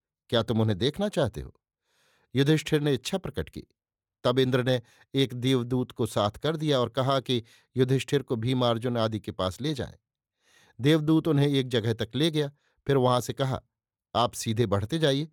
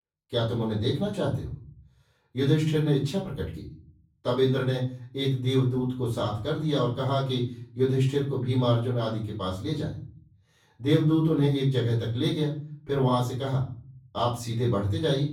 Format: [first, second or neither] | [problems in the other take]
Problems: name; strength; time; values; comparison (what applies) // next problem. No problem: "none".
first | off-mic speech; far // room echo; noticeable; dies away in 0.6 s